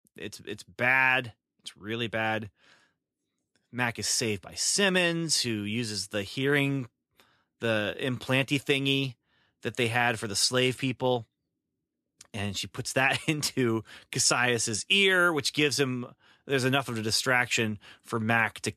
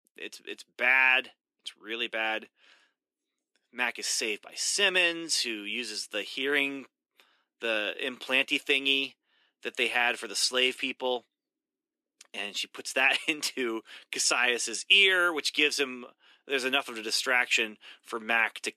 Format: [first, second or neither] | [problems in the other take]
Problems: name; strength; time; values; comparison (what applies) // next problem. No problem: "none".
first | thin; somewhat; fading below 300 Hz